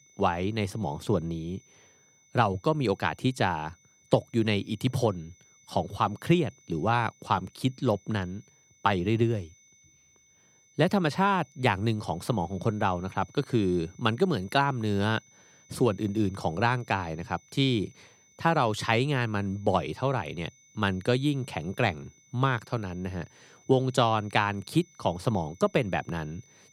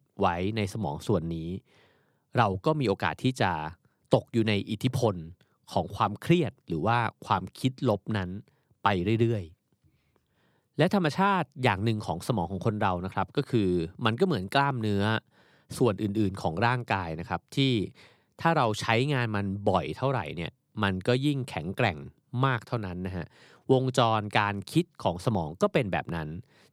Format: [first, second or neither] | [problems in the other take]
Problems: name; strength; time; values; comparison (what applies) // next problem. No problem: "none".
second | high-pitched whine; faint; throughout; 6 kHz, 30 dB below the speech